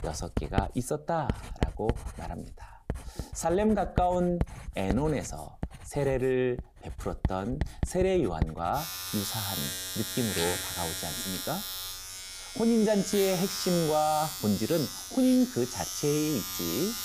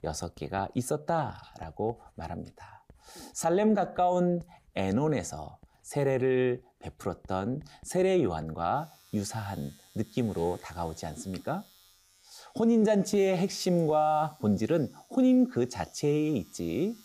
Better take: second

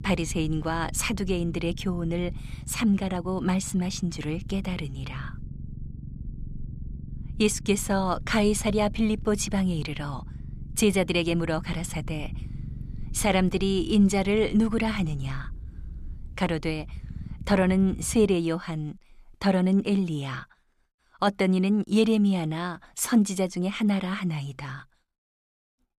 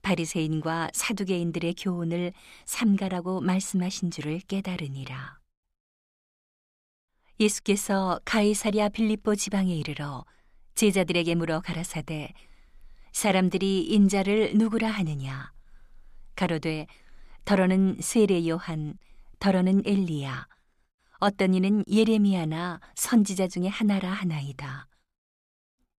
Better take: second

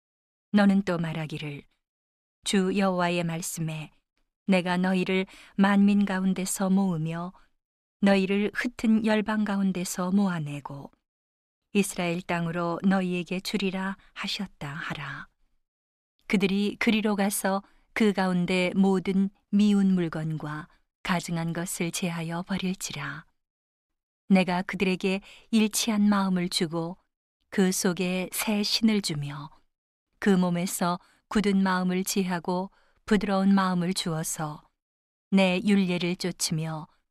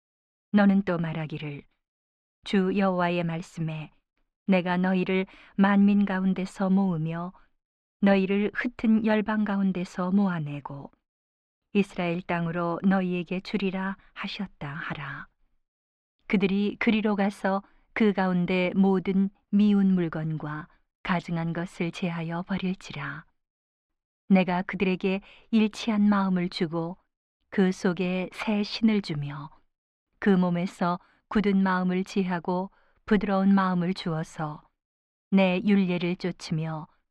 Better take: first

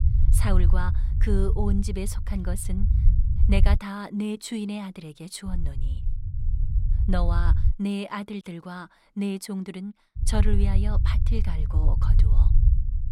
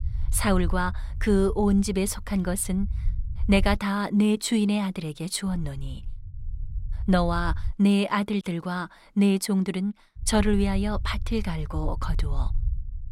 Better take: second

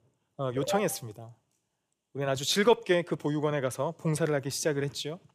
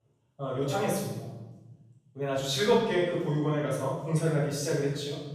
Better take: first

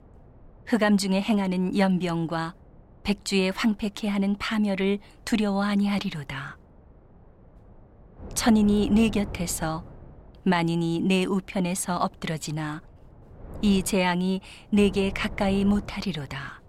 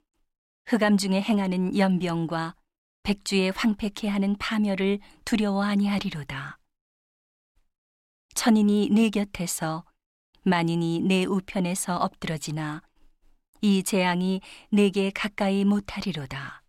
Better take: second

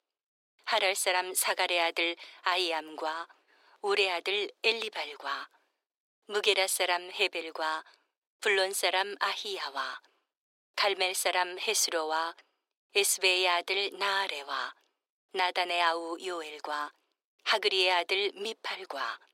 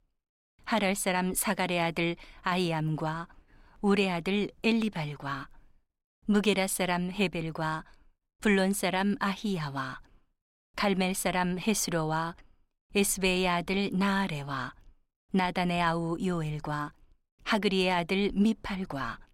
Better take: second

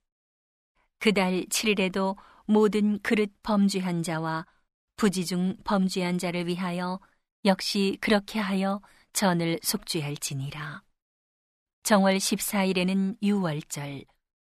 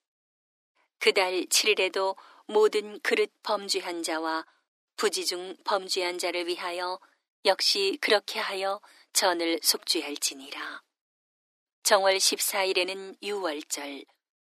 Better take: first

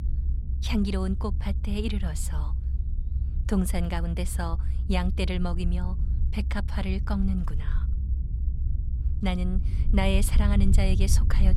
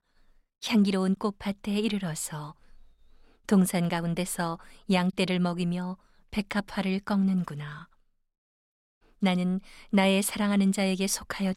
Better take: second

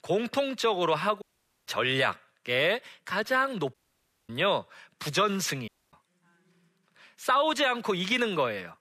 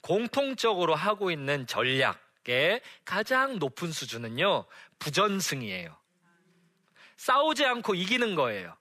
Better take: second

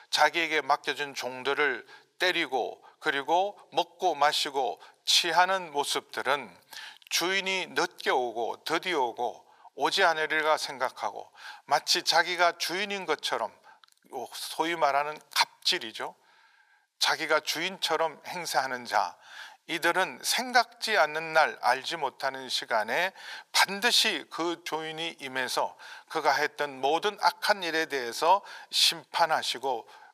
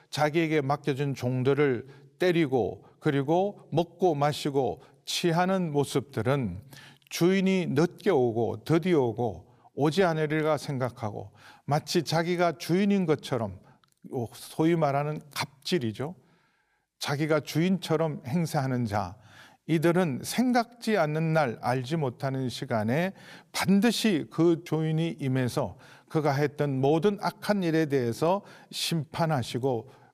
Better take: second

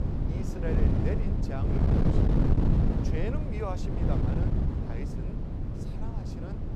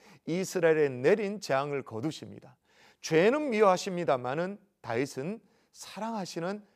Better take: second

